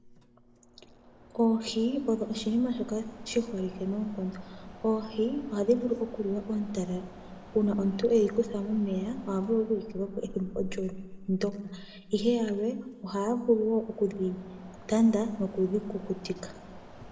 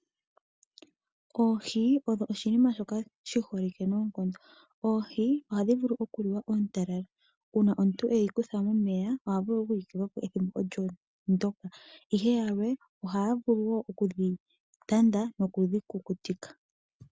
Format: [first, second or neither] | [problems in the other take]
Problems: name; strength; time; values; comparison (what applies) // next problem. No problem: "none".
second | background sound (Mechanisms); 17 dB below the speech // room echo; dies away in 1.2 s